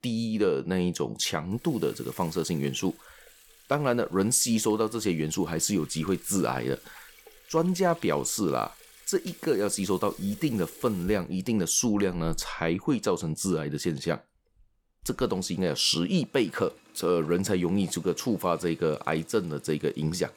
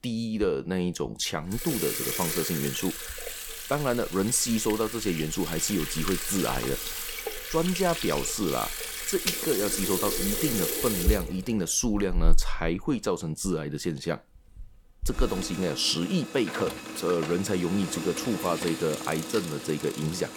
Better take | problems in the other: first | household noises; loud; throughout; 3 dB below the speech; faint in the first

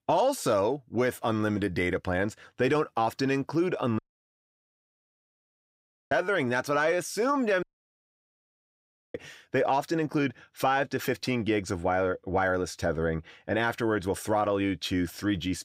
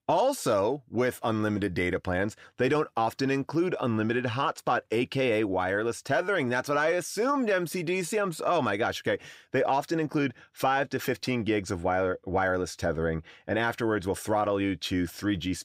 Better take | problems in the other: second | audio cutting out; at 4 s for 2 s and at 7.5 s for 1.5 s

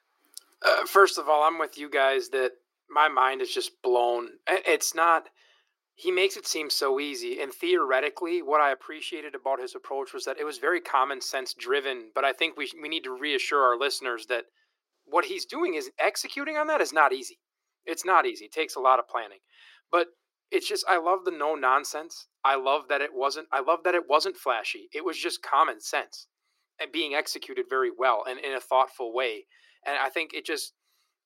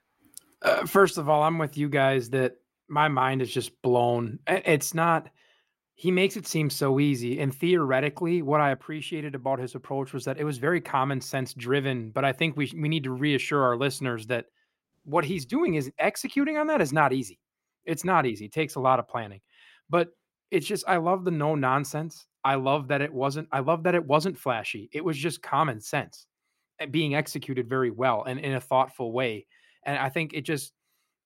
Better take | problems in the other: second | thin; very; fading below 350 Hz

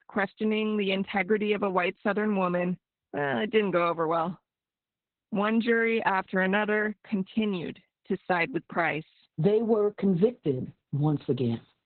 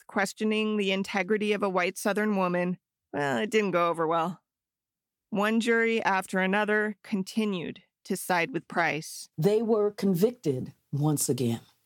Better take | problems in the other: second | garbled, watery; badly; nothing above 4 kHz

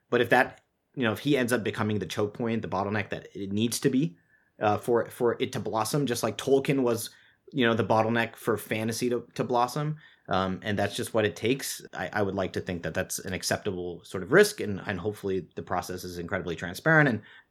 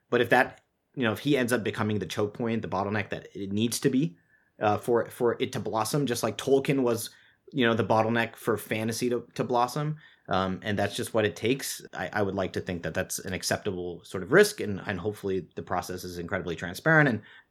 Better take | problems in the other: neither | none

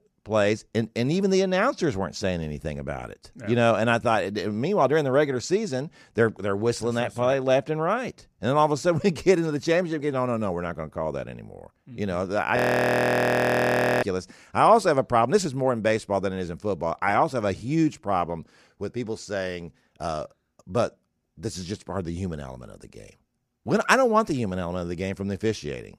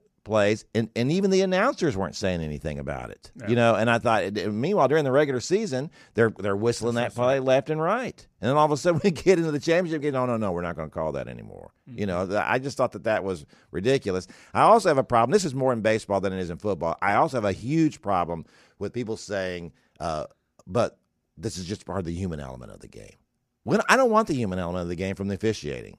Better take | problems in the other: second | audio freezing; at 13 s for 1.5 s

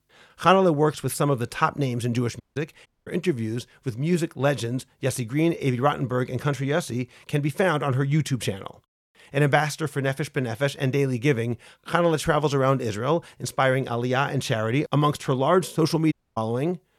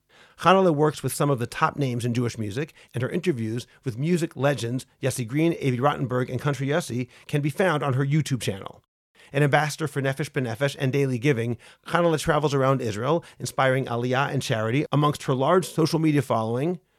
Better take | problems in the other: second | audio cutting out; at 2.5 s, at 3 s and at 16 s

